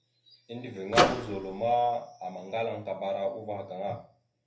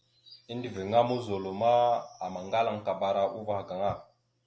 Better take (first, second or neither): second